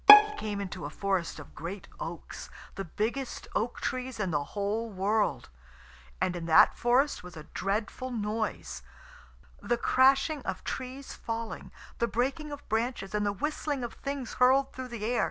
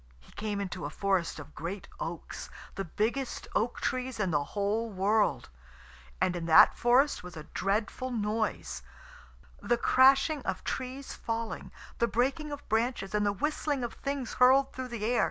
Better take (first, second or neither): second